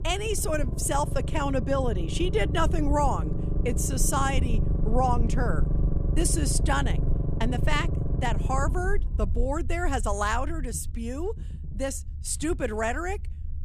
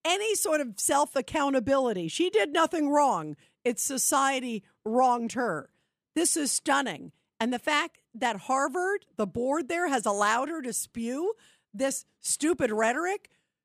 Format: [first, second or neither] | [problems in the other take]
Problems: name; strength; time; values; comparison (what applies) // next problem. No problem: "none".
second | low rumble; noticeable; throughout; 10 dB below the speech